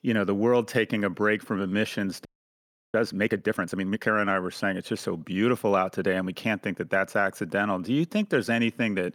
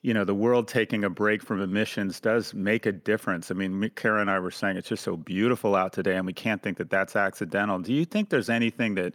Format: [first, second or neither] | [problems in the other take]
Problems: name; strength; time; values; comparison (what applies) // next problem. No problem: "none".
second | audio freezing; at 2.5 s for 0.5 s